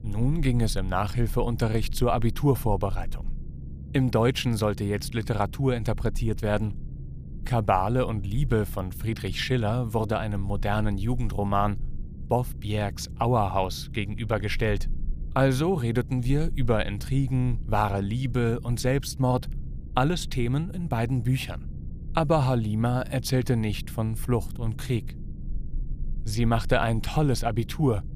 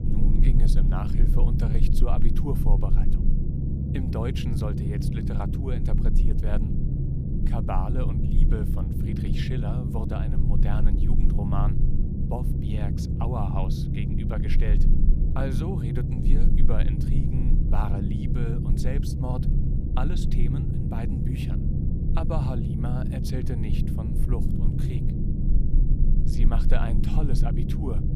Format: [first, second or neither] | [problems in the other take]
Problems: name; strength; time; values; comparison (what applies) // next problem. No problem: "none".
first | low rumble; loud; throughout; as loud as the speech; faint in the first